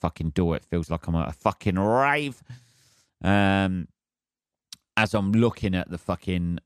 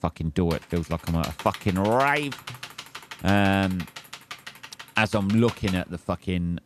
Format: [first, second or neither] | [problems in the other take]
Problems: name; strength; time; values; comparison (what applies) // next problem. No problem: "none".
first | keyboard typing; faint; until 6 s; peak 10 dB below the speech